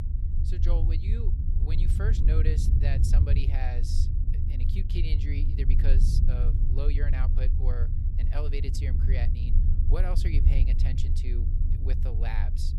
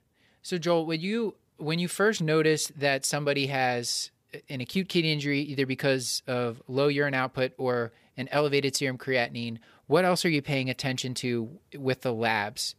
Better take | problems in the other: second | low rumble; loud; throughout; 3 dB below the speech

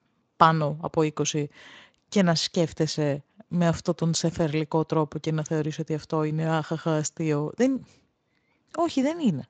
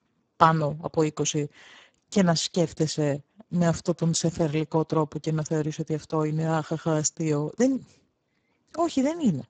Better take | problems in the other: first | garbled, watery; badly; nothing above 7.5 kHz; slightly in the first

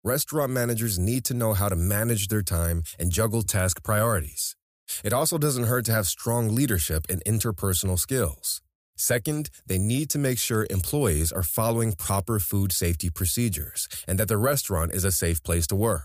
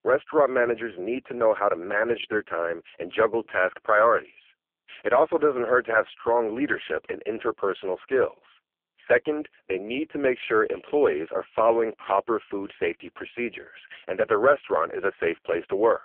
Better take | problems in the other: first | phone-call audio; poor line

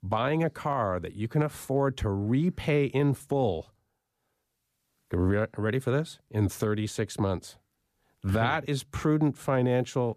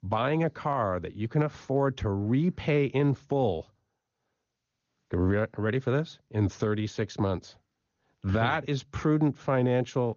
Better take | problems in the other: first | garbled, watery; slightly; nothing above 6.5 kHz

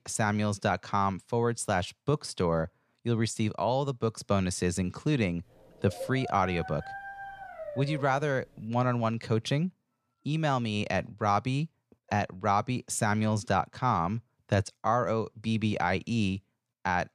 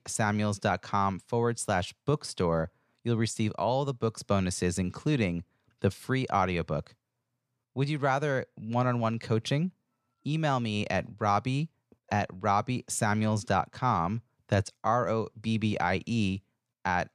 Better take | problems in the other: second | dog barking; noticeable; from 6 to 8.5 s; peak 9 dB below the speech

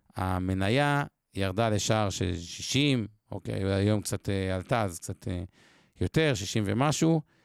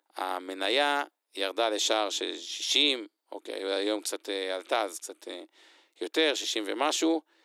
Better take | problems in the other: first | thin; very; fading below 300 Hz

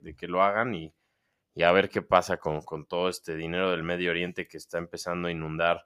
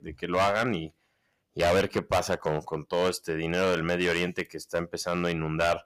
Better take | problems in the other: first | distortion; heavy; 7% of the sound clipped

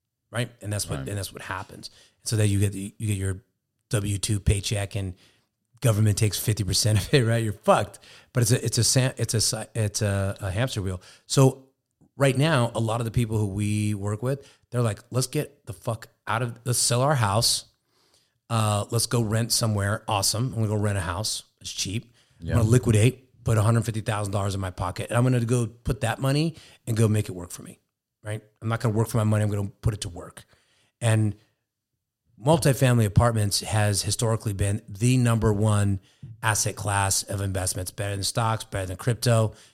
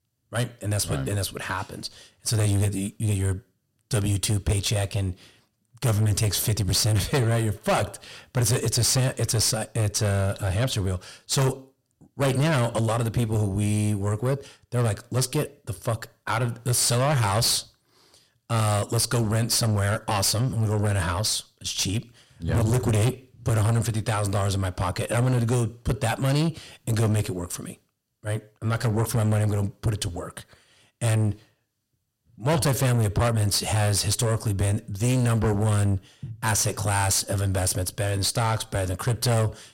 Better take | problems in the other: first | distortion; heavy; 7 dB below the speech

